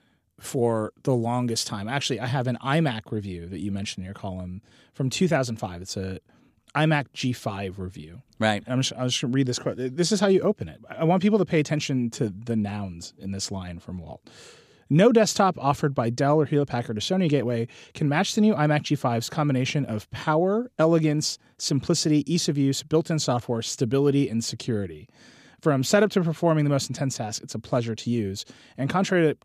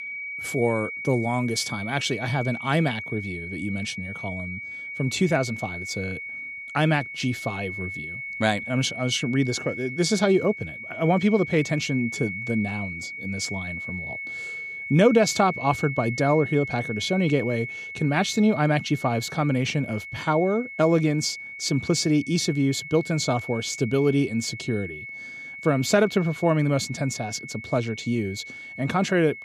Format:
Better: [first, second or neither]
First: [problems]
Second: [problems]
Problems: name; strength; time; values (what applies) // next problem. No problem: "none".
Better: first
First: none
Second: high-pitched whine; loud; throughout; 2 kHz, 9 dB below the speech